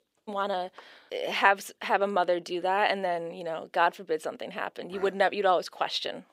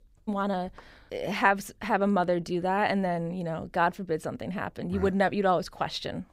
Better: second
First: thin; somewhat; fading below 450 Hz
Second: none

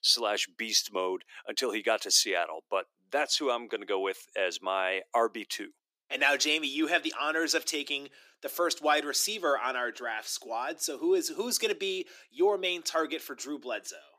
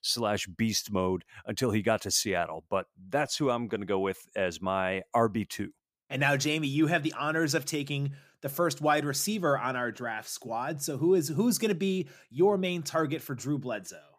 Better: second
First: thin; somewhat; fading below 300 Hz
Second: none

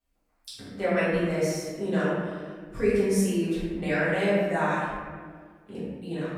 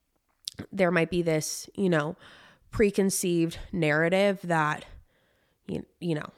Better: second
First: room echo; strong; dies away in 1.5 s // off-mic speech; far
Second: none

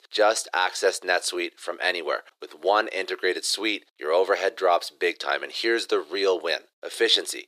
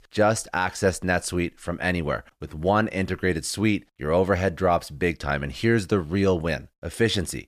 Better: second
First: thin; very; fading below 350 Hz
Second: none

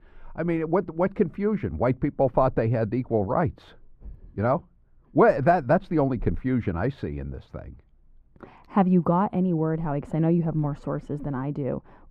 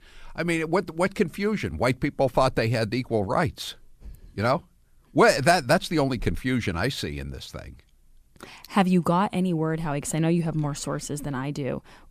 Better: second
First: muffled; very; fading above 3 kHz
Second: none

